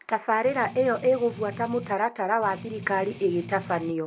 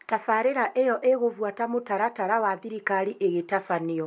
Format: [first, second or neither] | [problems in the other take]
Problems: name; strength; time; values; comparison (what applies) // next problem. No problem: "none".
second | background sound (Strum); 14 dB below the speech